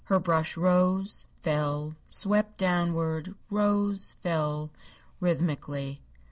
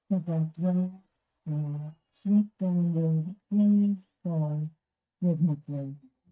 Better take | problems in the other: first | noise reduction (neural mask model DeepFilterNet 3)

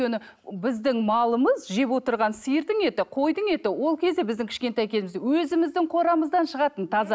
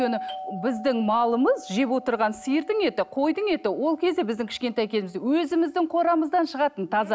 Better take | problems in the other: first | background sound (Doorbell); 17 dB below the speech

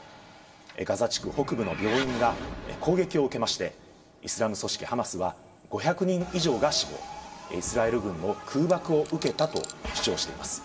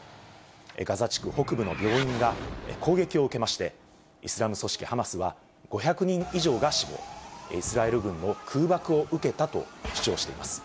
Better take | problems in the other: second | background sound (Coin (dropping)); 13 dB below the speech // room echo; dies away in 0.3 s

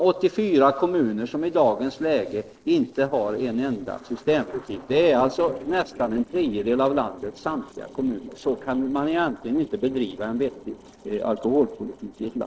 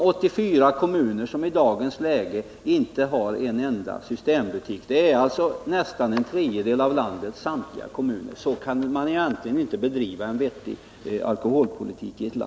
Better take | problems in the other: second | noise reduction (neural separator model SepFormer DNS4)

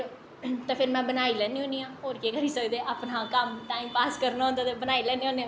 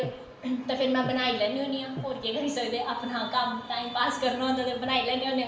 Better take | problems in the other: first | background sound (Breathing); 10 dB below the speech // room echo; dies away in 0.9 s

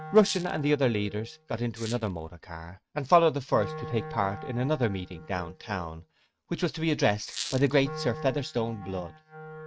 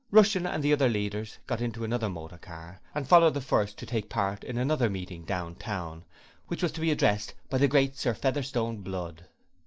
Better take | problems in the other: second | noise reduction (neural mask model RNNoise)

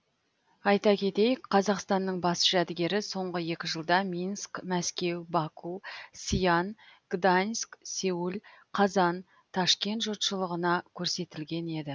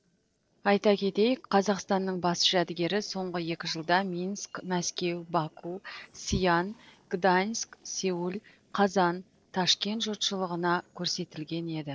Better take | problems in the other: first | noise reduction (neural separator model SepFormer DNS4)

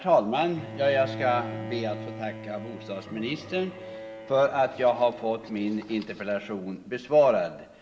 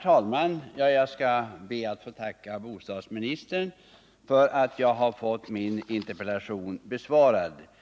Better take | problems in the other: second | background sound (Bowed string instrument); 14 dB below the speech // room echo; dies away in 2.9 s

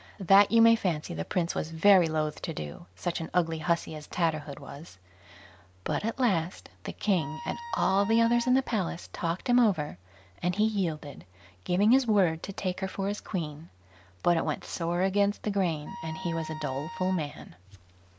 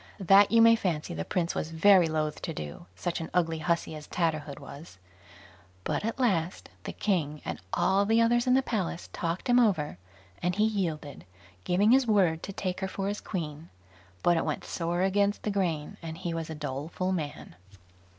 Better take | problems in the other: second | background sound (Wind instrument, woodwind instrument); 12 dB below the speech

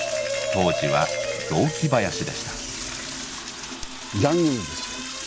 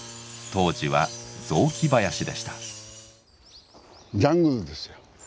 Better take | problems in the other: second | background sound (Marimba, xylophone + Toilet flush / Door); 3 dB below the speech

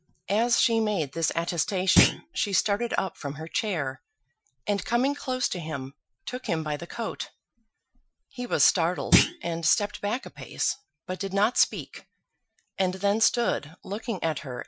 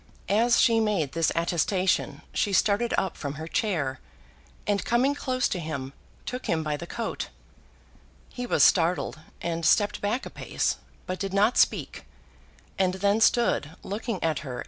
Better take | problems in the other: second | noise reduction (classical method Wiener filter)

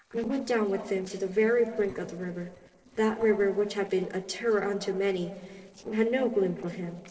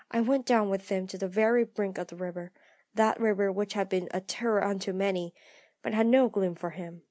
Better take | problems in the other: second | noise reduction (neural separator model SepFormer DNS4)

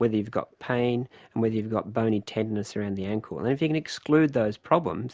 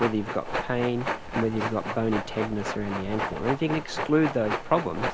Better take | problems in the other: first | background sound (Train); 5 dB below the speech

